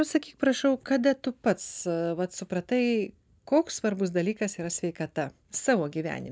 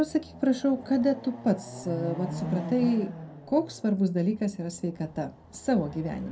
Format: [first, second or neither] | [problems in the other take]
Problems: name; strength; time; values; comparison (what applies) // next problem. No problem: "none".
first | background sound (Chatter / Car passing by / Motorcycle / Traffic noise, roadway noise / Accelerating, revving, vroom); 12 dB below the speech // room echo; dies away in 0.2 s